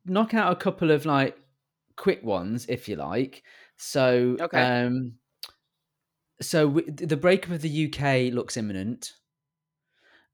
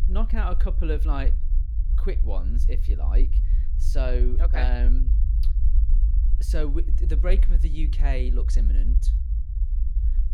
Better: first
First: none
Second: low rumble; noticeable; throughout; 10 dB below the speech

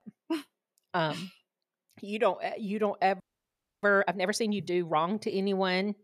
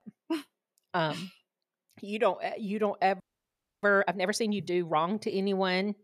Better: neither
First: audio freezing; at 3 s for 0.5 s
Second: audio freezing; at 3 s for 0.5 s

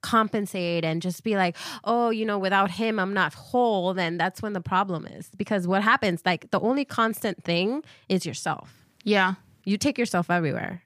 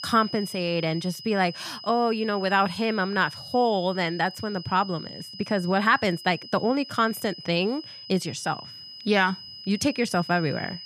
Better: first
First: none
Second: high-pitched whine; noticeable; throughout; 5 kHz, 15 dB below the speech

